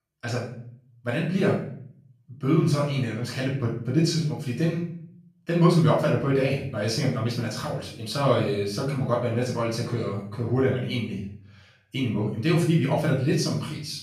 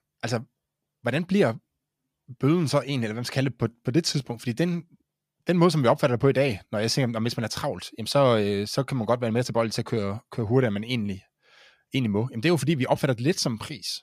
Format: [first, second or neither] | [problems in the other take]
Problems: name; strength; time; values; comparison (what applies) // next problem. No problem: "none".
second | off-mic speech; far // room echo; noticeable; dies away in 0.5 s